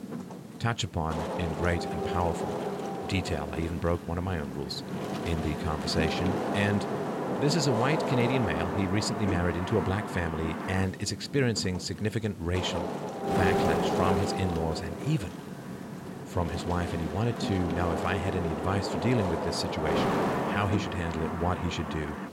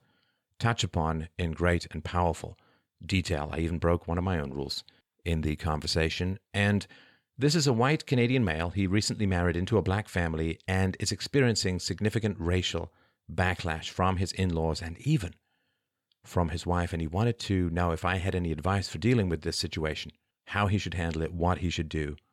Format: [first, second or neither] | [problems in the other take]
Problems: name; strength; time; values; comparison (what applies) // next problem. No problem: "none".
second | wind noise on the microphone; heavy; as loud as the speech